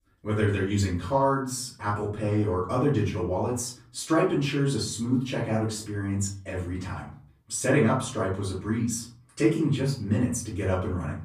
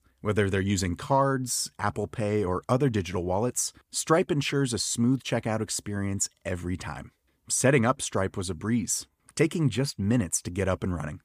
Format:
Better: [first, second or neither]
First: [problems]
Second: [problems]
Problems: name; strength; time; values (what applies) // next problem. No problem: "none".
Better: second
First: off-mic speech; far // room echo; slight; dies away in 0.4 s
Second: none